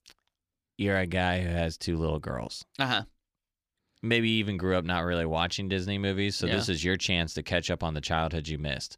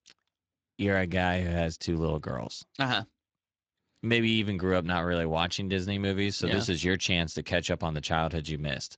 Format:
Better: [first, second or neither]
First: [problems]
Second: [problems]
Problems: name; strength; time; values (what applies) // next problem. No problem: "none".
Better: first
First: none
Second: garbled, watery; slightly